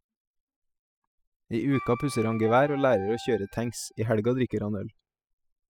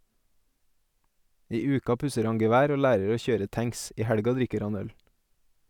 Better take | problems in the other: second | noise reduction (classical method spectral subtraction)

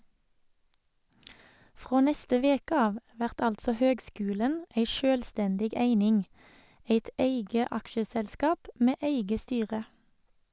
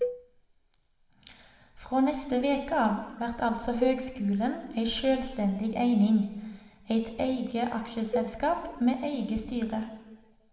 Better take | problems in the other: first | background sound (Cowbell); 9 dB below the speech // room echo; dies away in 1.1 s

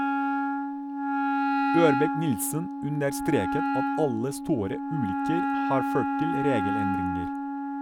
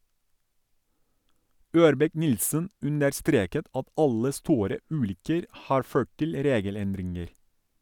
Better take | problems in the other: second | background sound (Wind instrument, woodwind instrument); 2 dB above the speech

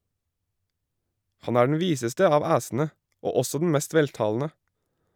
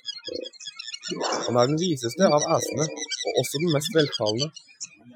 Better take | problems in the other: first | noise reduction (classical method Wiener filter)

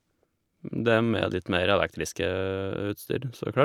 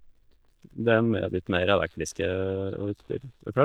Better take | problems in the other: first | noise reduction (neural mask model DeepFilterNet 3)

